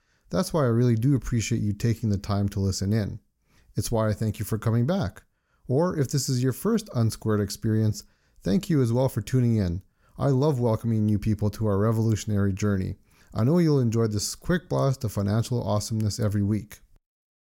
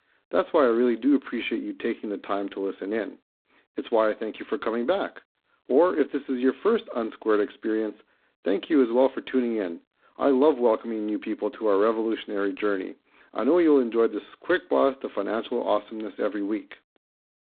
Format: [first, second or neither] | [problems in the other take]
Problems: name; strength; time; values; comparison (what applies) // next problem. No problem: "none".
first | phone-call audio; poor line; nothing above 4 kHz